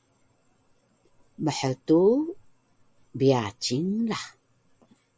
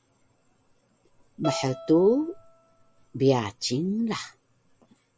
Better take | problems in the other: first | background sound (Bowed string instrument); 13 dB below the speech

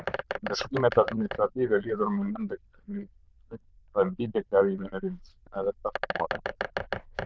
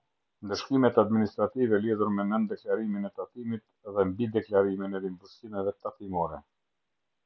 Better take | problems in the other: second | noise reduction (neural diffusion model UNIVERSE++)

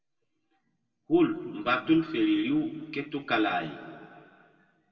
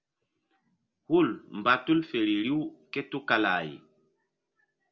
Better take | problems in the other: second | room echo; dies away in 1.9 s

